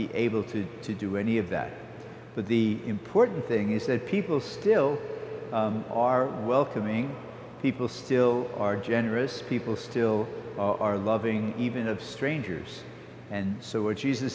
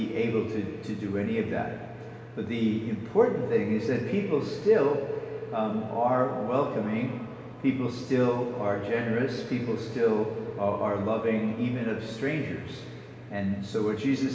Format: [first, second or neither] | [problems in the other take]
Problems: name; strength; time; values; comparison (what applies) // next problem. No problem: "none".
first | room echo; dies away in 1.2 s